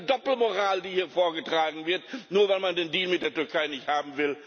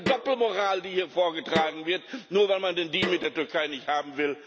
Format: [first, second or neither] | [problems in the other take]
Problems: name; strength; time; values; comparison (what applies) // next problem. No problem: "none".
first | background sound (Snare drum); 11 dB below the speech